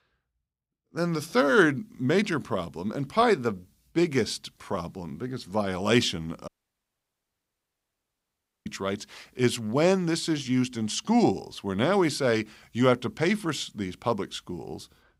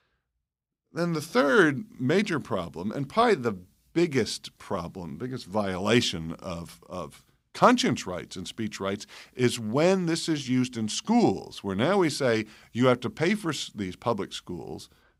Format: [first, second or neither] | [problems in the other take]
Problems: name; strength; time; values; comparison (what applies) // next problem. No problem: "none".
second | audio cutting out; at 6.5 s for 2 s